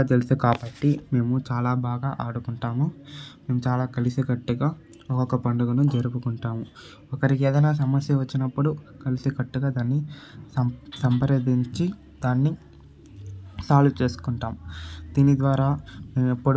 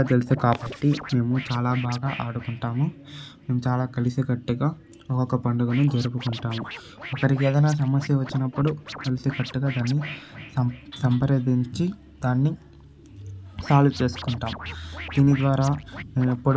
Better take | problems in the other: first | background sound (Scratching (performance technique)); 17 dB below the speech

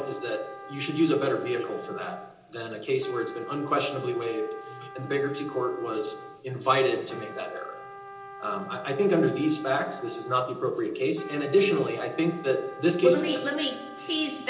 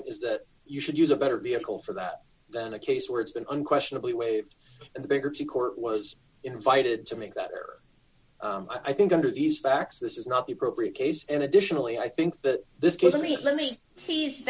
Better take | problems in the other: second | background sound (Trumpet); 15 dB below the speech // room echo; dies away in 0.9 s

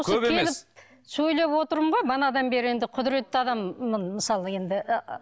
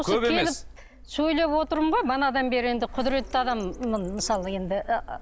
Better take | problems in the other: first | background sound (Printer); 14 dB below the speech

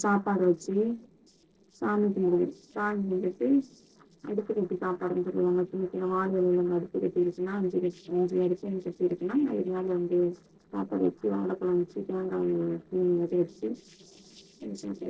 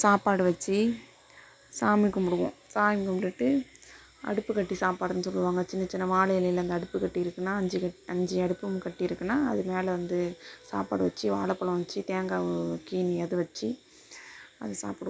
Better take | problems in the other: second | noise reduction (neural separator model SepFormer DNS4)

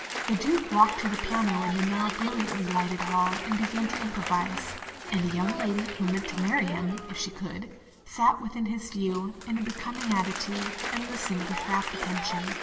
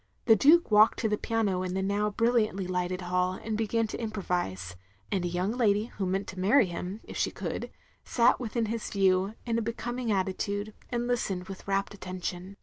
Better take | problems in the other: second | background sound (Applause); 6 dB below the speech // room echo; dies away in 2.1 s

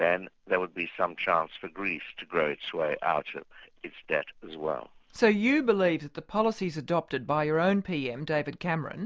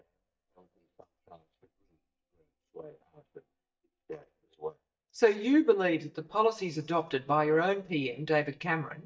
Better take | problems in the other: first | noise reduction (neural mask model DeepFilterNet 3)

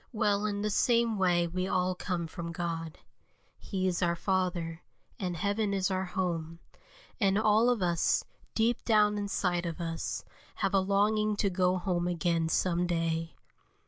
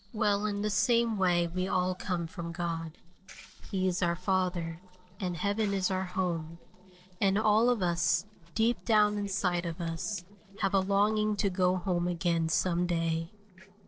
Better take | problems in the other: first | noise reduction (neural separator model SepFormer DNS4)

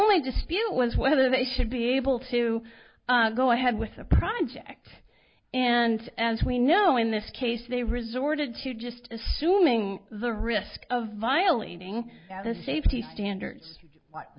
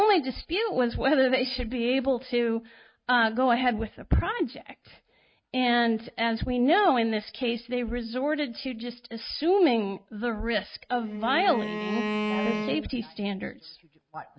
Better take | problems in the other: first | noise reduction (neural mask model RNNoise)

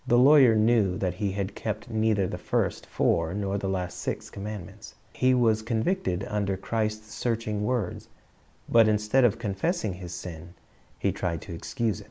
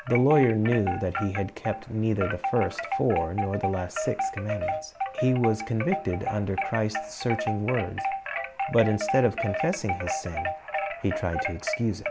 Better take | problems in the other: first | background sound (Wind chime); 4 dB below the speech

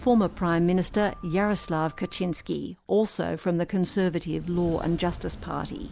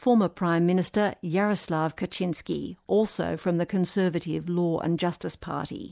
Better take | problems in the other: second | background sound (Sliding door); 16 dB below the speech

